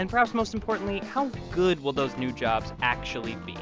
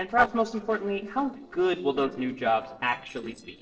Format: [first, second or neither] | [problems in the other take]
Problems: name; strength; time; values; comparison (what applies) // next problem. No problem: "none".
first | noise reduction (neural separator model SepFormer DNS4)